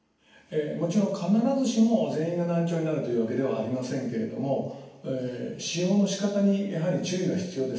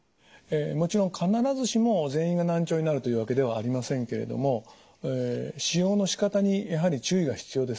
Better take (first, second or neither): second